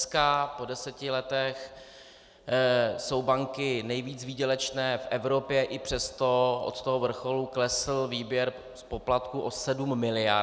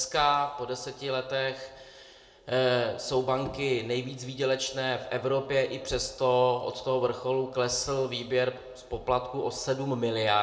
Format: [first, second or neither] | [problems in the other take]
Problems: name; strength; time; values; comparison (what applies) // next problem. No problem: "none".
first | background sound (Bowed string instrument); 19 dB below the speech // room echo; dies away in 0.4 s